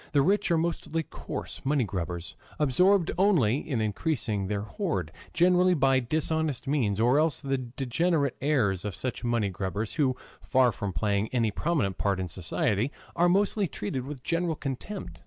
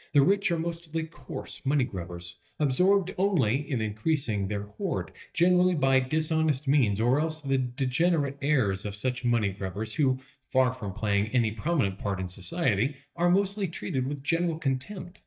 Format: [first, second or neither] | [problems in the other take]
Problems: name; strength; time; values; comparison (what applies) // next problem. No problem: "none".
first | noise reduction (neural mask model DeepFilterNet 3)